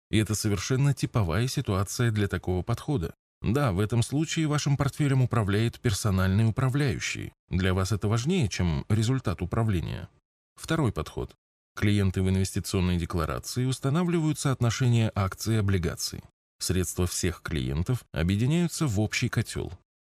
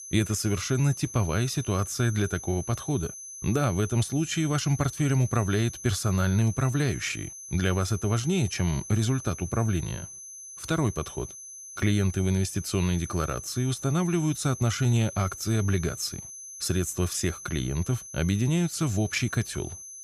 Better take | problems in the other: first | high-pitched whine; noticeable; throughout; 6 kHz, 10 dB below the speech

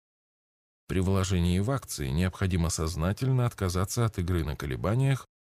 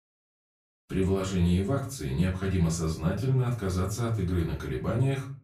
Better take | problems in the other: first | off-mic speech; far // room echo; slight; dies away in 0.3 s

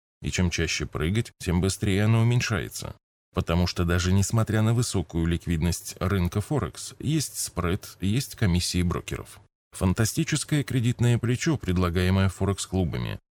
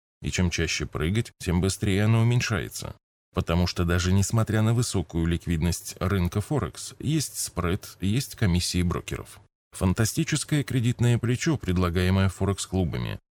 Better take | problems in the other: neither | none

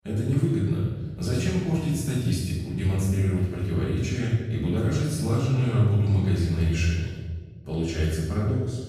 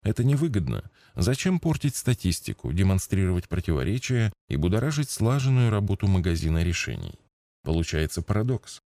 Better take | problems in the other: second | off-mic speech; far // room echo; strong; dies away in 1.3 s

